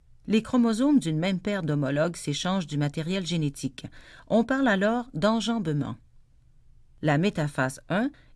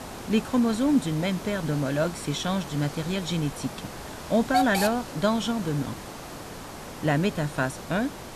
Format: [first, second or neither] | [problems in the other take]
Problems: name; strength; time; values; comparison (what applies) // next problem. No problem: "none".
first | hiss; loud; throughout; 9 dB below the speech